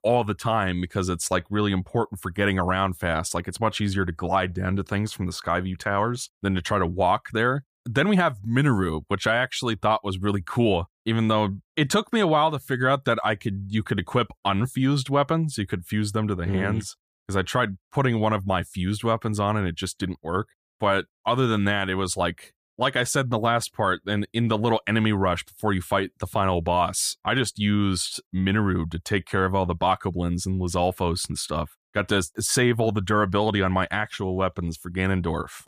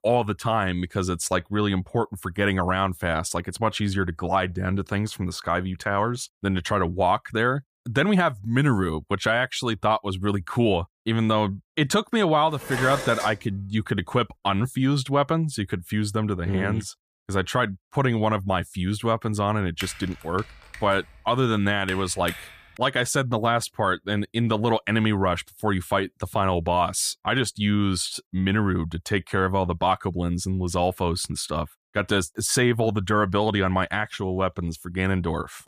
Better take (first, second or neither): first